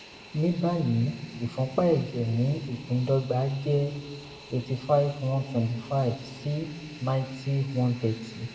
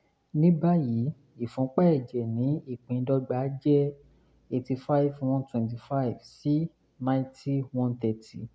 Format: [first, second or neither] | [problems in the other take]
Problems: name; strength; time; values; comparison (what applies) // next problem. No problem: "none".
second | background sound (Fixed-wing aircraft, airplane); 19 dB below the speech // room echo; dies away in 1.3 s